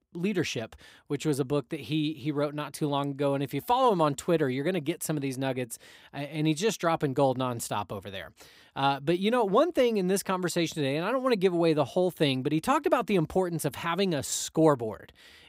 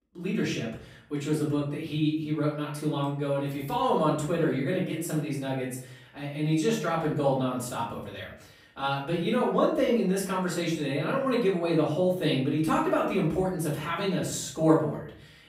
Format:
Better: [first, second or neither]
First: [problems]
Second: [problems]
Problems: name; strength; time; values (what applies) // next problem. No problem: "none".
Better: first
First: none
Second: off-mic speech; far // room echo; noticeable; dies away in 0.5 s